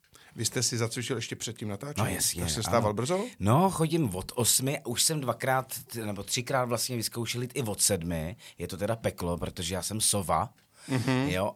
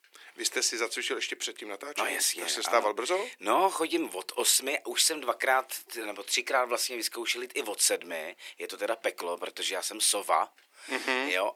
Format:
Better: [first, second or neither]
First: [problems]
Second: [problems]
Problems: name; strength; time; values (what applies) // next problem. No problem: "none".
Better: first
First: none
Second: thin; very; fading below 300 Hz